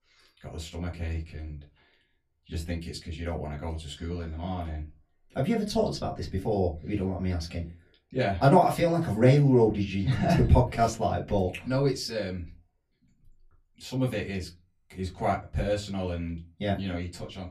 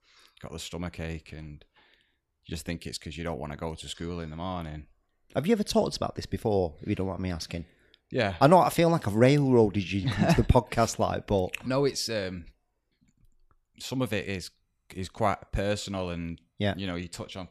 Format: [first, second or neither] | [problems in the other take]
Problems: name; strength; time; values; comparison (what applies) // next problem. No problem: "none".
second | off-mic speech; far // room echo; very slight; dies away in 0.2 s